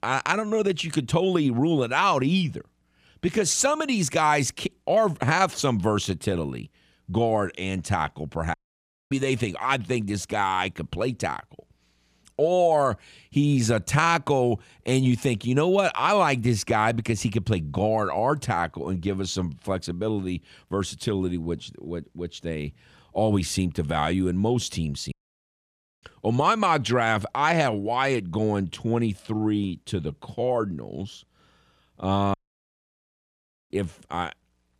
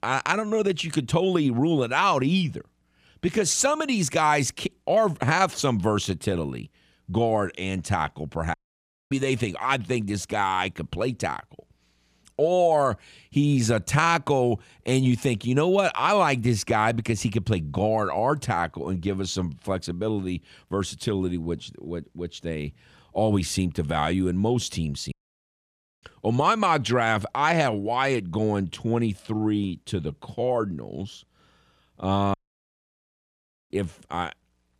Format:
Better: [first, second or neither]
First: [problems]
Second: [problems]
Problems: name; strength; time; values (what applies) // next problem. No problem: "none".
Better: neither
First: audio cutting out; at 8.5 s for 0.5 s, at 25 s for 1 s and at 32 s for 1.5 s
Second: audio cutting out; at 8.5 s for 0.5 s, at 25 s for 1 s and at 32 s for 1.5 s